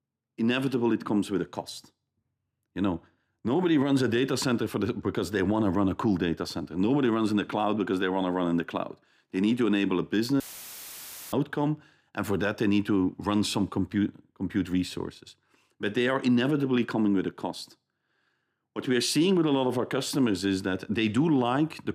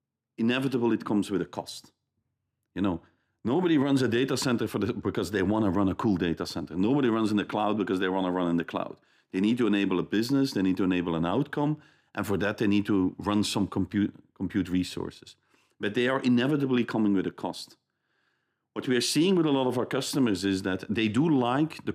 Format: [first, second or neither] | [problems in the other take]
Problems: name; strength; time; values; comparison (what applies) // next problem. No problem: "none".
second | audio cutting out; filled with static; at 10 s for 1 s